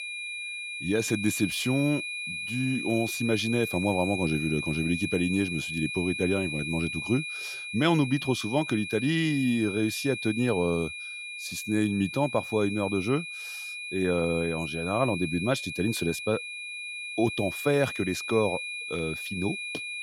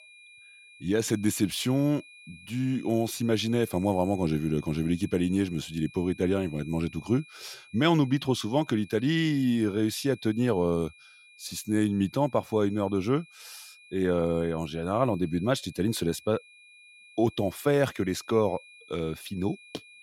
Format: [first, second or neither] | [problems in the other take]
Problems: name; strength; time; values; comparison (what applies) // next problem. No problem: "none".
second | high-pitched whine; loud; throughout; 2.5 kHz, 5 dB below the speech; faint in the second